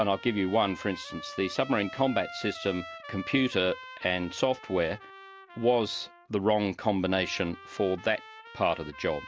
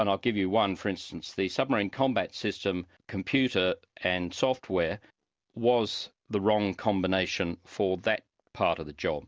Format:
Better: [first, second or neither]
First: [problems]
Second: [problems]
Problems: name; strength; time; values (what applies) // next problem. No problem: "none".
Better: second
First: background sound (Trumpet); 16 dB below the speech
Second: none